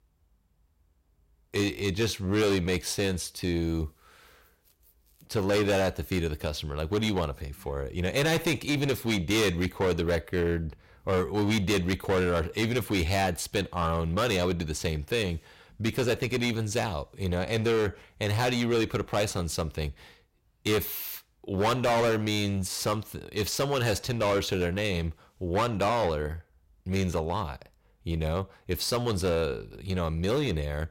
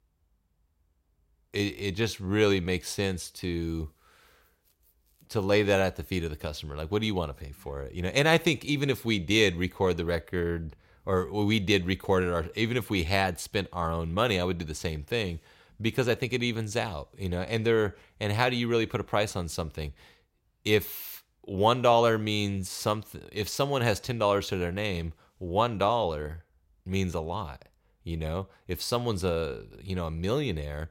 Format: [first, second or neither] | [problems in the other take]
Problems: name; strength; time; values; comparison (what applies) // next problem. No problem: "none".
second | distortion; heavy; 11% of the sound clipped